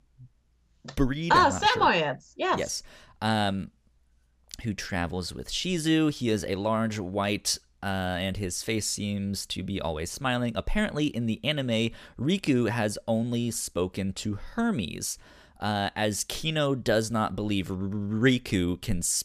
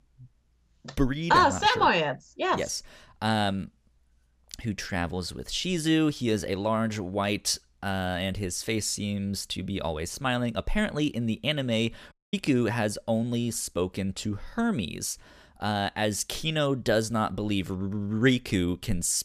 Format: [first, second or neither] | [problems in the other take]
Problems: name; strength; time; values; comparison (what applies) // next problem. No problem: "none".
first | audio cutting out; at 12 s